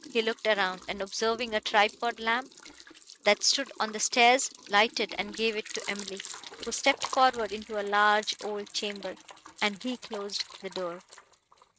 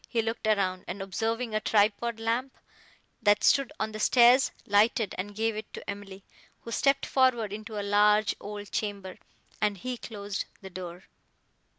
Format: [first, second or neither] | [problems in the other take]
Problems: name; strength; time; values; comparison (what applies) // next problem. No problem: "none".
second | noise reduction (neural mask model RNNoise)